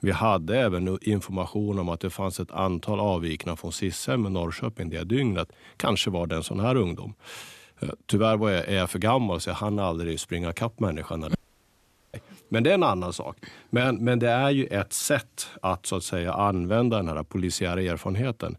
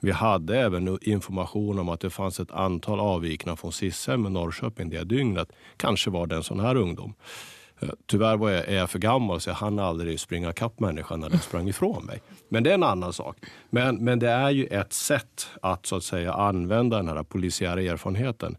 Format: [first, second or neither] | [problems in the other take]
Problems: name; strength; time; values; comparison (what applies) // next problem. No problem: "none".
second | audio cutting out; at 11 s for 1 s